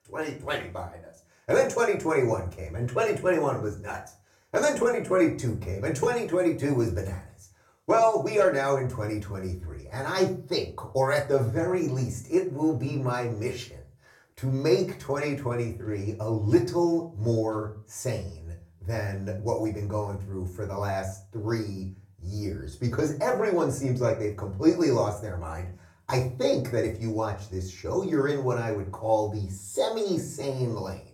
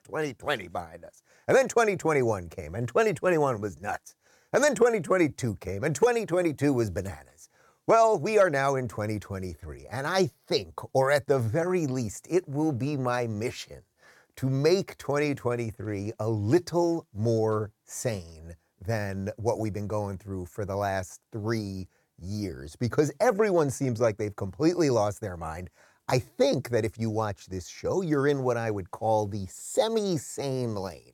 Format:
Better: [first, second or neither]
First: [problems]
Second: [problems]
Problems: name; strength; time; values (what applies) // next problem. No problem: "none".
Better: second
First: off-mic speech; far // room echo; very slight; dies away in 0.3 s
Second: none